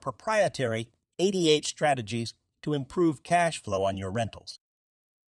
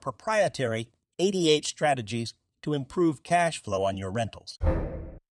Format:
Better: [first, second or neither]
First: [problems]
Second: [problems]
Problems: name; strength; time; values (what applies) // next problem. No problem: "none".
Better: first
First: none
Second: door banging; noticeable; at 4.5 s; peak 2 dB below the speech